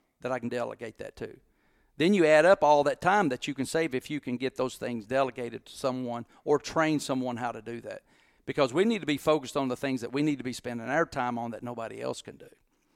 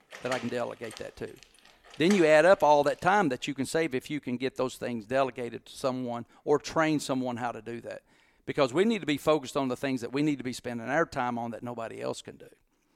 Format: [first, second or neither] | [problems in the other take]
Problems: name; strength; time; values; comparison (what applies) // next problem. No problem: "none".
first | door banging; faint; until 3 s; peak 10 dB below the speech